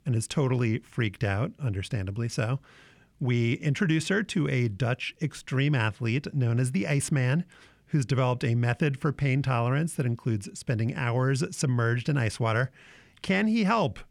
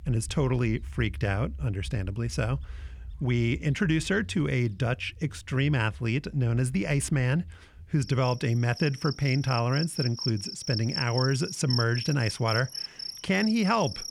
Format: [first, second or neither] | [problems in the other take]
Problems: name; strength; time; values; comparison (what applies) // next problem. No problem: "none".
first | animal sounds; loud; throughout; 10 dB below the speech